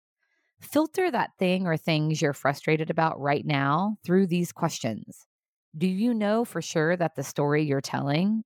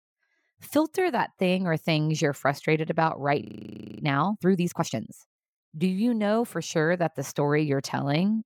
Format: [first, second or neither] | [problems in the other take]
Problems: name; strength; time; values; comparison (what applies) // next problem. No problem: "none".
first | audio freezing; at 3.5 s for 0.5 s